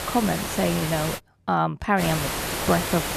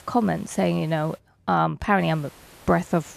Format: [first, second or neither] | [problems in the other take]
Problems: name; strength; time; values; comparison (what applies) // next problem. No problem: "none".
second | hiss; loud; until 1 s and from 2 s on; 3 dB below the speech; faint in the second